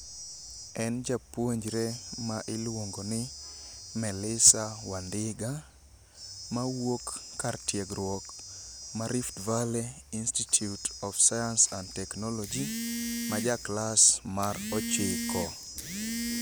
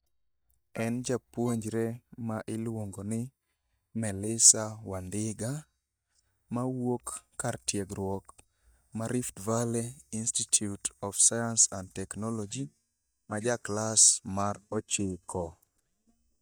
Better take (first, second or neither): first